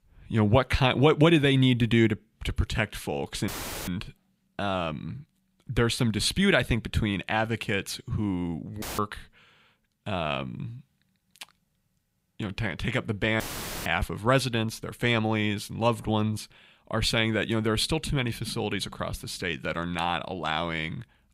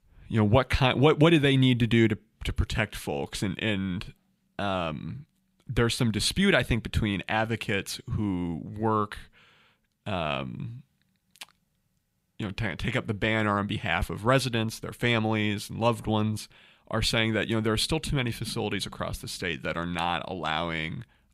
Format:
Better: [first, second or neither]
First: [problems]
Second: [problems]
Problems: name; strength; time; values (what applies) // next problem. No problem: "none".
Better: second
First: audio cutting out; filled with static; at 3.5 s, at 9 s and at 13 s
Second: none